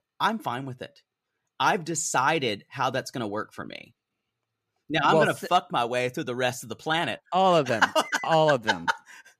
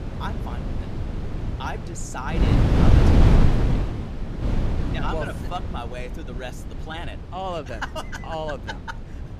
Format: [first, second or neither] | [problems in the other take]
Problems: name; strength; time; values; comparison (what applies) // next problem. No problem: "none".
first | wind noise on the microphone; heavy; 1 dB above the speech